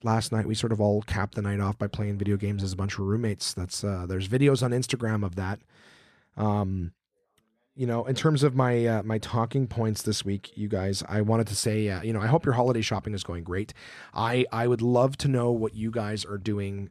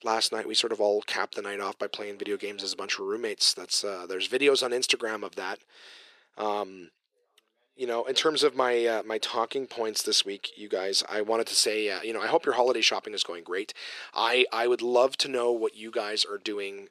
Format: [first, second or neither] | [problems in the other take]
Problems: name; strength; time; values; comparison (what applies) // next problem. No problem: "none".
first | thin; very; fading below 400 Hz